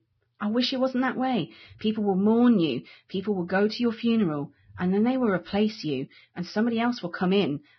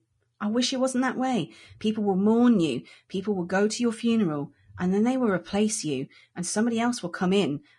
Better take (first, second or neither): second